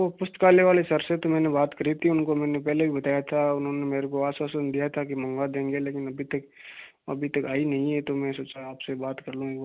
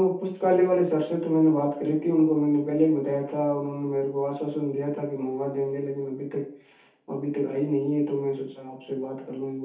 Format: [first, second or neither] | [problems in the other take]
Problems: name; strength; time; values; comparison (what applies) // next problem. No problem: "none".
first | room echo; dies away in 0.5 s